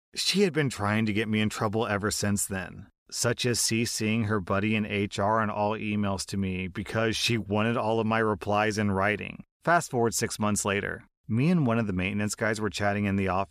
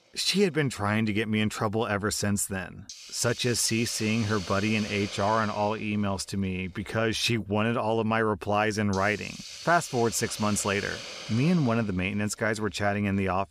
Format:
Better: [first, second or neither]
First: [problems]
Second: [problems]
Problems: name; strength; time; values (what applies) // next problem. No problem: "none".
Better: first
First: none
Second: hiss; noticeable; throughout; 10 dB below the speech